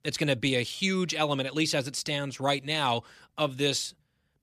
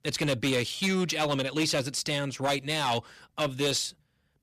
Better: first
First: none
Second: distortion; slight; 8% of the sound clipped

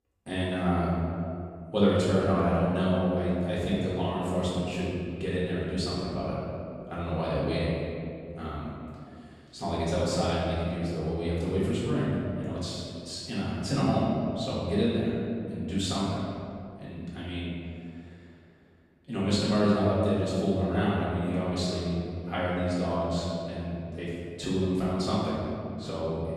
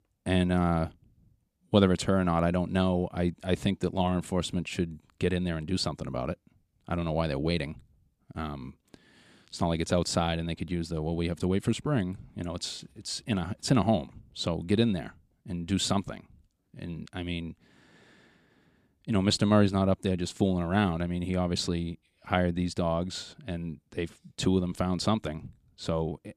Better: second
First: room echo; strong; dies away in 2.2 s // off-mic speech; far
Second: none

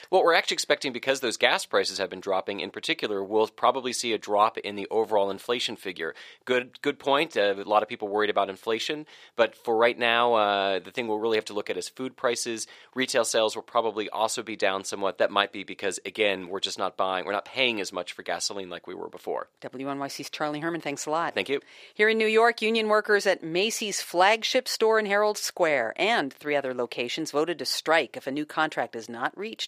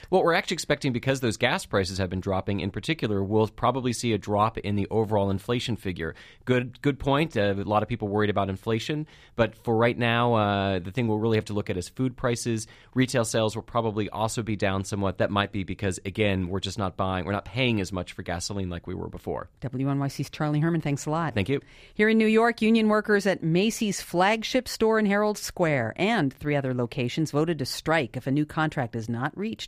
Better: second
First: thin; somewhat; fading below 450 Hz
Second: none

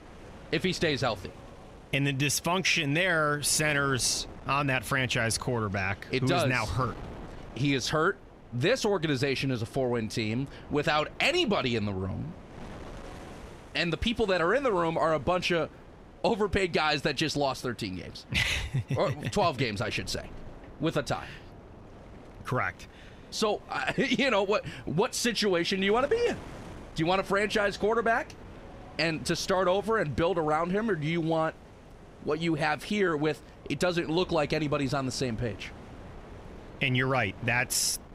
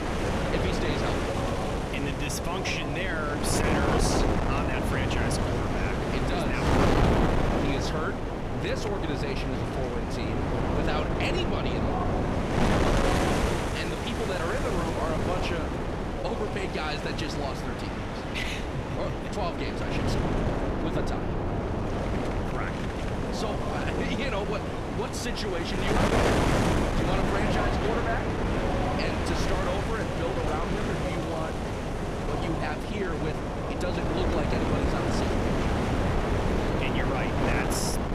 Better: first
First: wind noise on the microphone; occasional gusts; 20 dB below the speech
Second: wind noise on the microphone; heavy; 4 dB above the speech

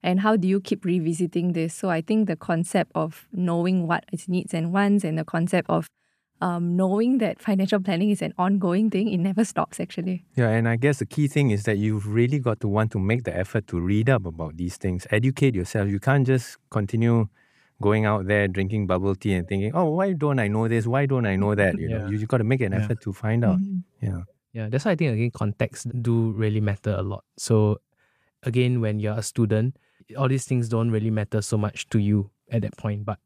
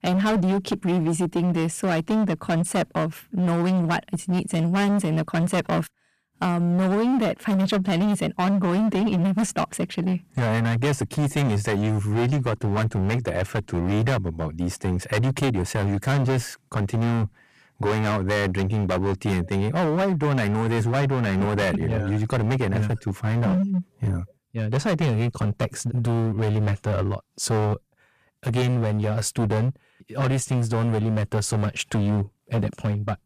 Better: first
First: none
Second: distortion; heavy; 23% of the sound clipped

